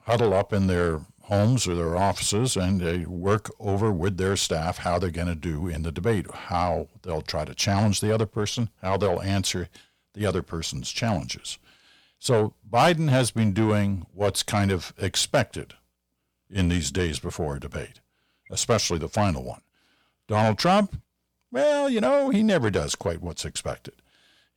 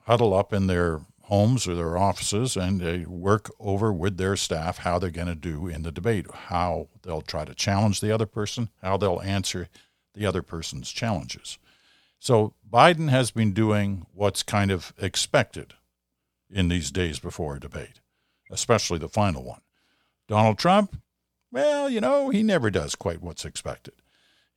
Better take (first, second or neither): second